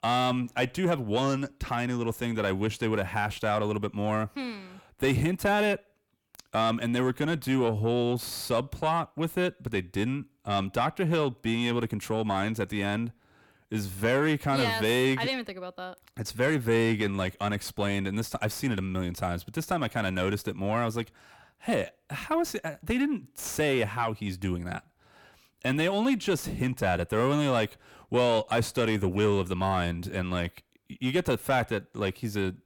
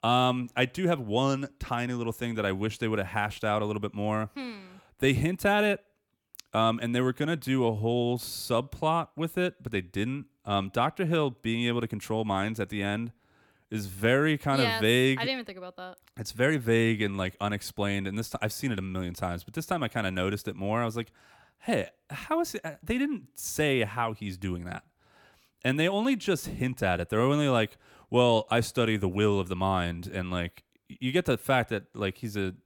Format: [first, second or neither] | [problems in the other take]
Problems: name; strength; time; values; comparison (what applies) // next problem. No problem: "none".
second | distortion; slight; 10 dB below the speech